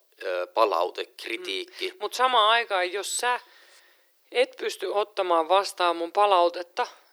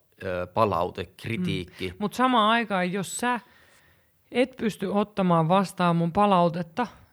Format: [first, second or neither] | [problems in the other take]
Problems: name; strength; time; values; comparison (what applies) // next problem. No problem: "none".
second | thin; very; fading below 350 Hz